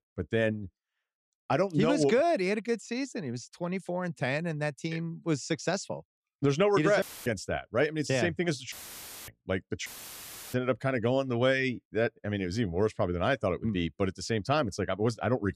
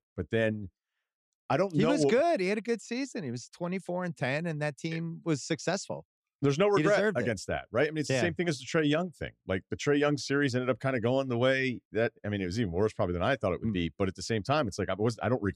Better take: second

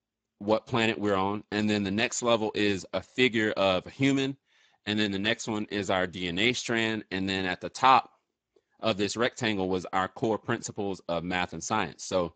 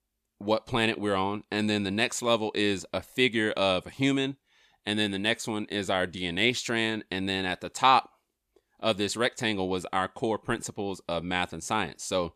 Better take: second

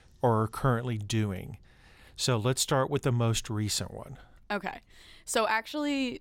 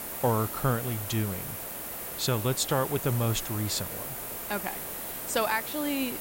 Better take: first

